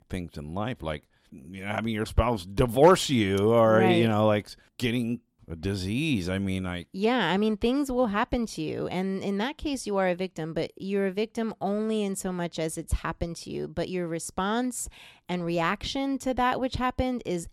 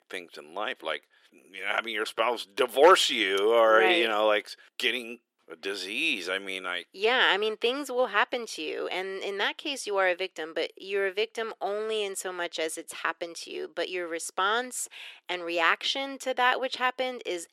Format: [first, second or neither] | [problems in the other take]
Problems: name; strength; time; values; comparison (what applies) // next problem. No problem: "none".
first | thin; very; fading below 400 Hz